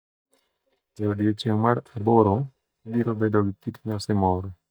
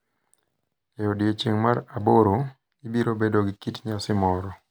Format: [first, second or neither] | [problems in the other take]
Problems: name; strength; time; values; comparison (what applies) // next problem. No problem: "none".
second | noise reduction (neural mask model DeepFilterNet 3)